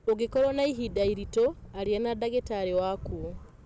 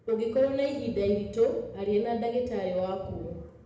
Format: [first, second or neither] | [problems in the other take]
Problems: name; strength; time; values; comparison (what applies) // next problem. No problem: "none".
first | room echo; dies away in 0.8 s